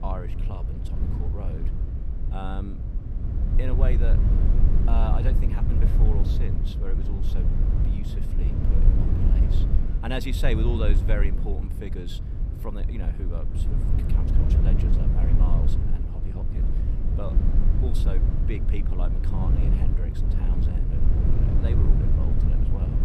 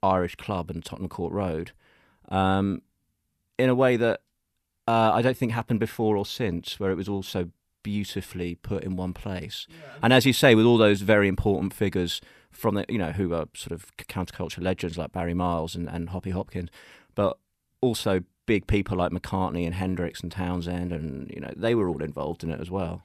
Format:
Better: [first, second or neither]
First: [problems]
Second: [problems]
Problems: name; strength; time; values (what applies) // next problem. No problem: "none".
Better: second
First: low rumble; loud; throughout; 1 dB below the speech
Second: none